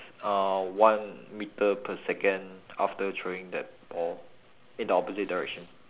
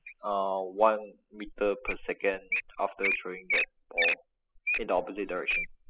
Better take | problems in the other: first | noise reduction (classical method spectral subtraction)

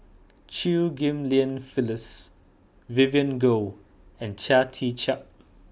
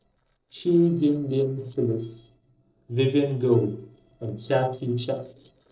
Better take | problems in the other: first | noise reduction (neural separator model SepFormer DNS4)

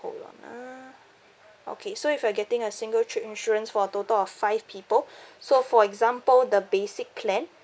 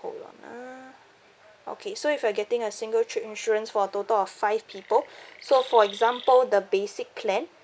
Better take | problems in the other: first | background sound (Chirp, tweet); 17 dB below the speech

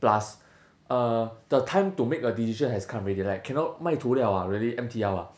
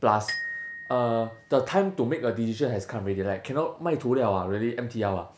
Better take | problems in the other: first | background sound (Glockenspiel); 14 dB below the speech

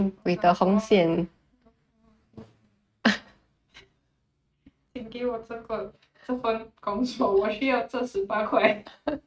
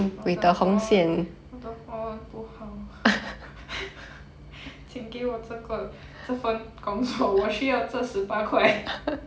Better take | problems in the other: second | noise reduction (neural mask model RNNoise)

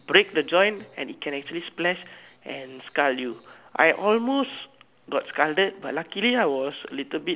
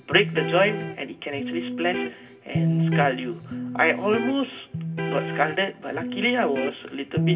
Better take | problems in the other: first | background sound (Electric guitar); 2 dB below the speech // room echo; dies away in 0.4 s

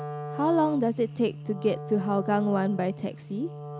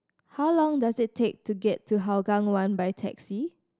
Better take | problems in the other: second | background sound (Wind instrument, woodwind instrument); 10 dB below the speech

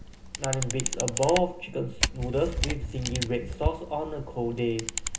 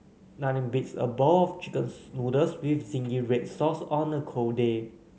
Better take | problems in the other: second | background sound (Camera); 3 dB below the speech // room echo; dies away in 0.2 s

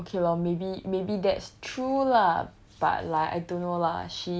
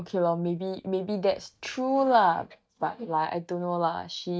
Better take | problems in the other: first | noise reduction (neural mask model DeepFilterNet 3)

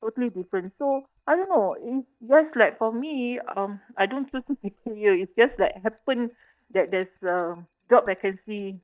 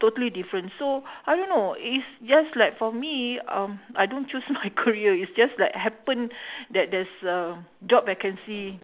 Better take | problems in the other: second | noise reduction (neural mask model DeepFilterNet 3)

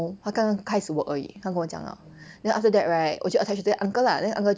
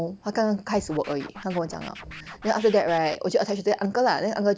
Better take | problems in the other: first | background sound (Scratching (performance technique)); 17 dB below the speech

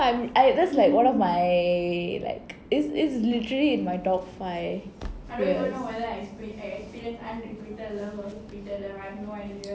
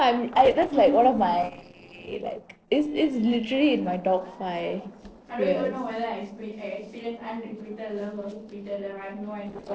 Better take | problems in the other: first | noise reduction (neural separator model SepFormer DNS4)

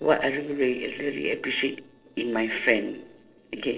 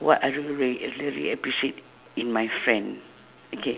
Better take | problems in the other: second | noise reduction (neural separator model SepFormer DNS4)

